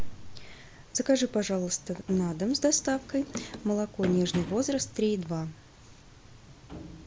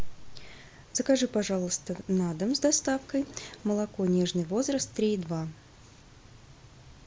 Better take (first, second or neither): second